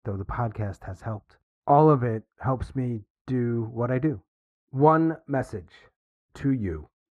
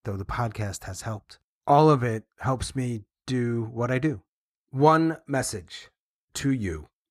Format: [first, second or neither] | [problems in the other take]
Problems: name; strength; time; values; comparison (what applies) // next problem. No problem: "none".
second | muffled; very; fading above 2.5 kHz